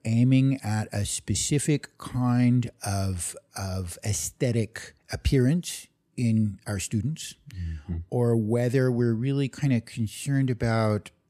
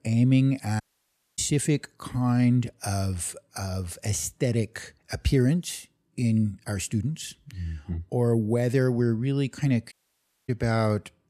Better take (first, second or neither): first